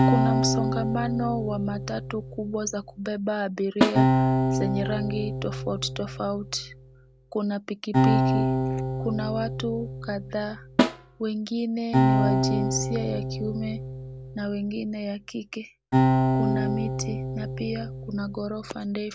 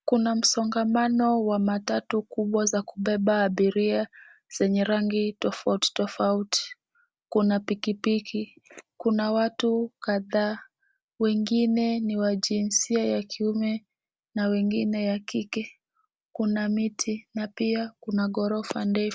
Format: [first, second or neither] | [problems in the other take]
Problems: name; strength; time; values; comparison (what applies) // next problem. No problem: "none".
second | background sound (Snare drum + Acoustic guitar); 4 dB above the speech